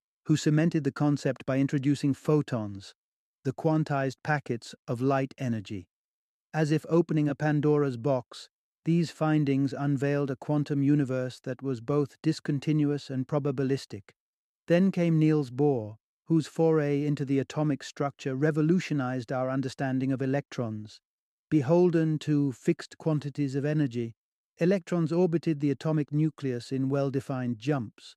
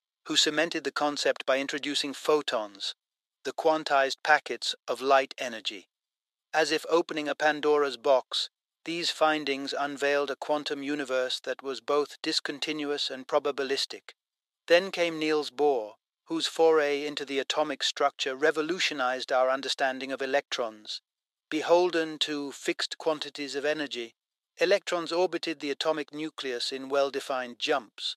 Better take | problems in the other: first | thin; very; fading below 550 Hz

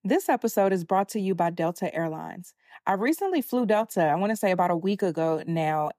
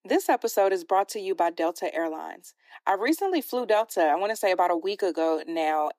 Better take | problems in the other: first | thin; somewhat; fading below 300 Hz

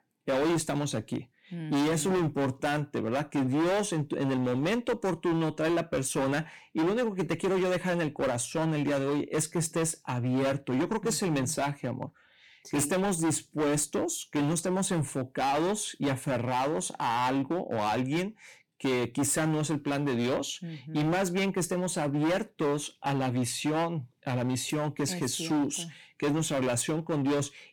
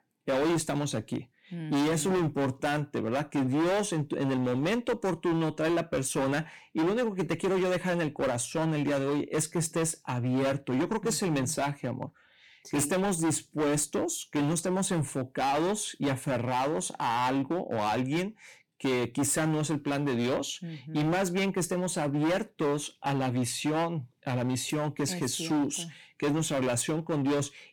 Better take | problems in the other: neither | distortion; heavy; 19% of the sound clipped; the same in both

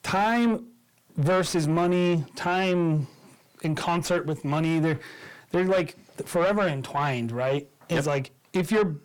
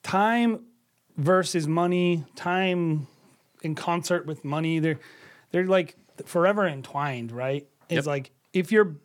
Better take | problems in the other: second | distortion; heavy; 7 dB below the speech

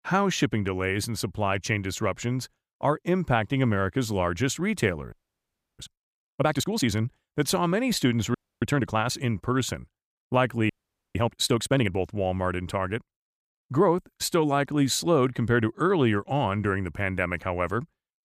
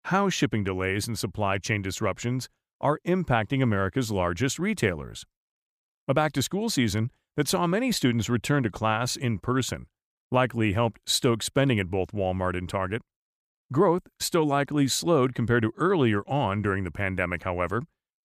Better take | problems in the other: second | audio freezing; at 5 s for 0.5 s, at 8.5 s and at 11 s

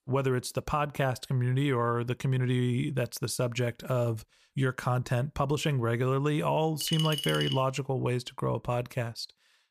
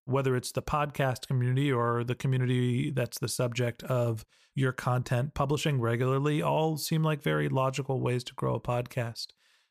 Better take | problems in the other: second | household noises; very faint; until 7.5 s; 4 dB below the speech

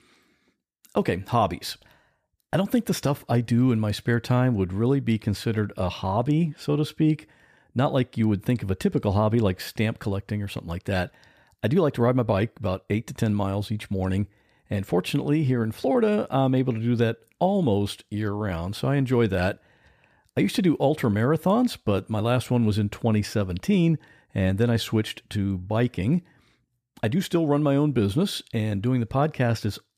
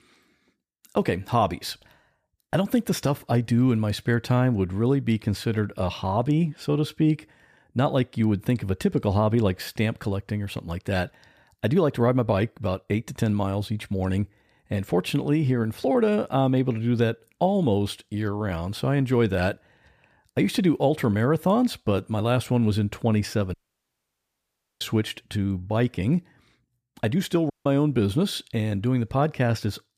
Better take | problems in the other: first | audio cutting out; at 24 s for 1.5 s and at 28 s

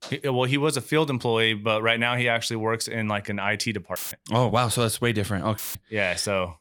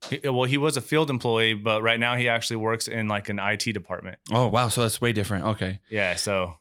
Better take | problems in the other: second | audio cutting out; filled with static; at 4 s and at 5.5 s

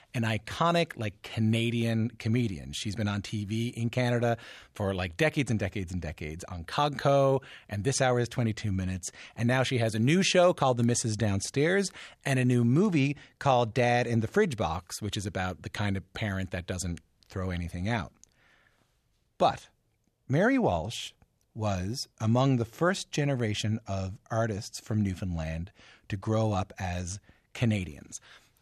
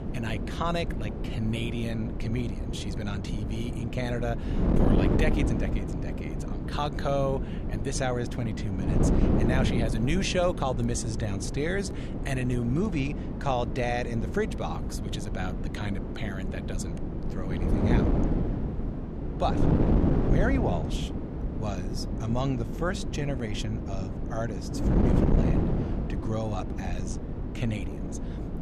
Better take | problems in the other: first | wind noise on the microphone; heavy; 3 dB below the speech

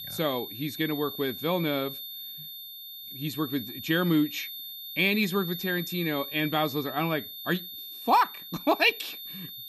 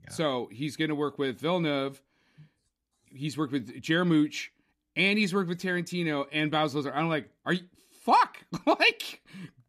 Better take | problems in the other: second | high-pitched whine; loud; throughout; 3.5 kHz, 9 dB below the speech

